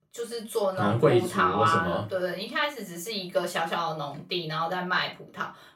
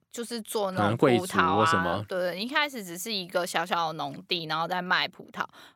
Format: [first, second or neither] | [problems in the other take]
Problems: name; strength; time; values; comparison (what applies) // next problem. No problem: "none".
second | off-mic speech; far // room echo; very slight; dies away in 0.2 s